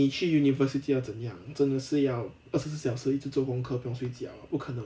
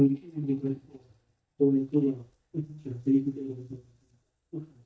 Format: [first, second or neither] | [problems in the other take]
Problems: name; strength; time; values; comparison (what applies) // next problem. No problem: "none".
first | noise reduction (neural mask model DeepFilterNet 3)